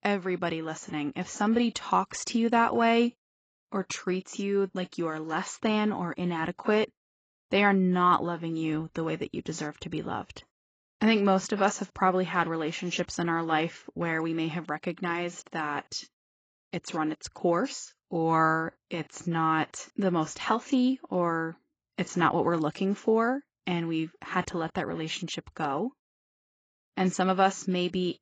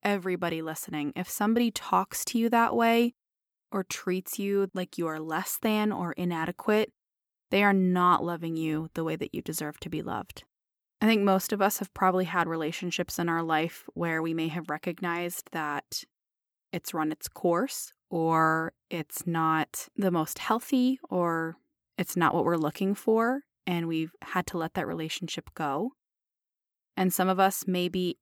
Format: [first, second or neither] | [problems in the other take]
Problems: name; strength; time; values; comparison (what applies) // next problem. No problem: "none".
second | garbled, watery; badly; nothing above 7.5 kHz